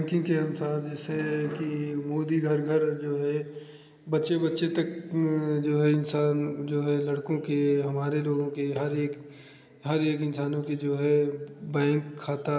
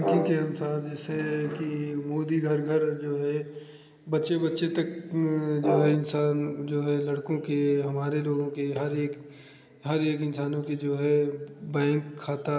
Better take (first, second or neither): first